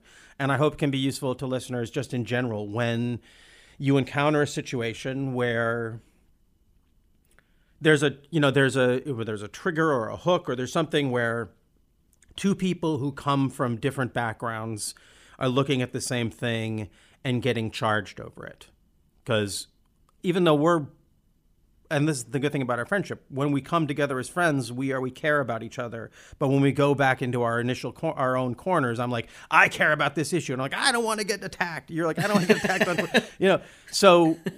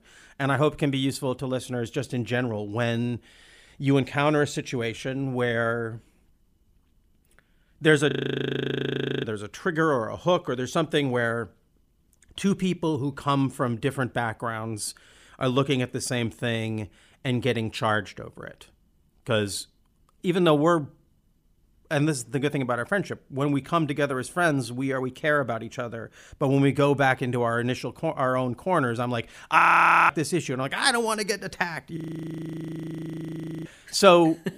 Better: first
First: none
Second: audio freezing; at 8 s for 1 s, at 30 s for 0.5 s and at 32 s for 1.5 s

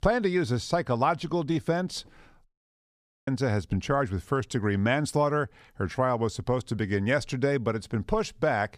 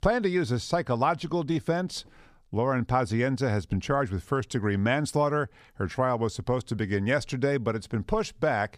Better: second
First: audio cutting out; at 2.5 s for 1 s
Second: none

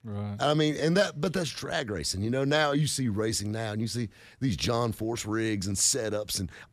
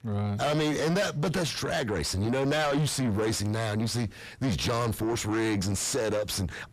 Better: first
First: none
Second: distortion; heavy; 6 dB below the speech

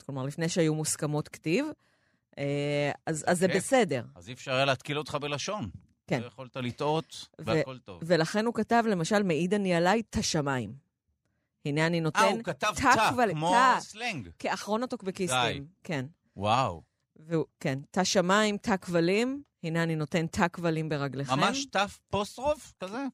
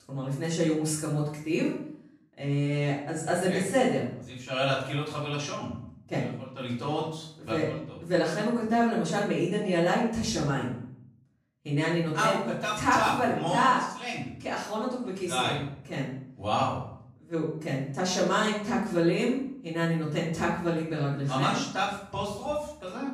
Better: first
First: none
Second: off-mic speech; far // room echo; noticeable; dies away in 0.6 s

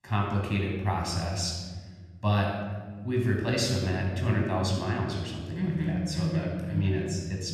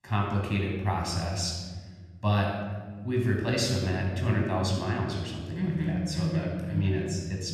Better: neither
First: off-mic speech; somewhat distant // room echo; noticeable; dies away in 1.4 s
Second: off-mic speech; somewhat distant // room echo; noticeable; dies away in 1.4 s

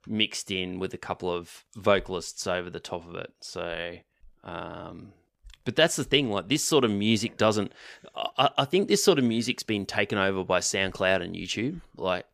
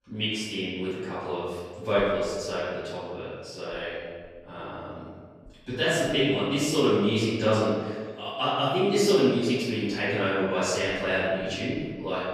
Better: first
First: none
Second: off-mic speech; far // room echo; strong; dies away in 1.5 s

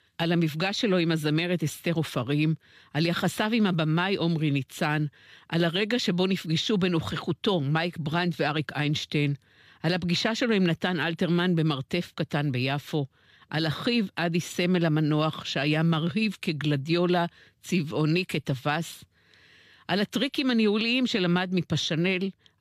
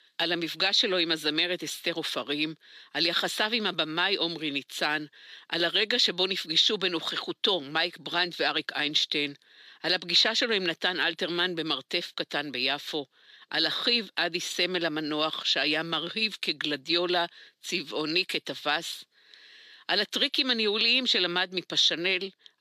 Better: first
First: none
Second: thin; somewhat; fading below 300 Hz

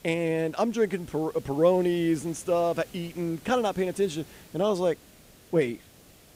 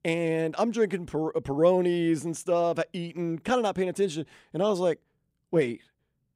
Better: second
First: hiss; faint; throughout; 25 dB below the speech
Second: none

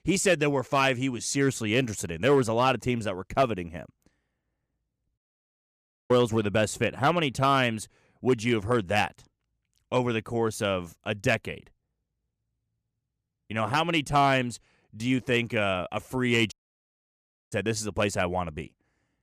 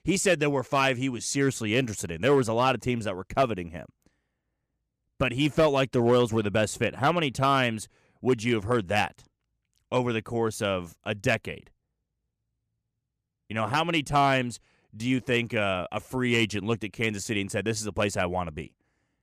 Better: second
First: audio cutting out; at 5 s for 1 s and at 17 s for 1 s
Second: none

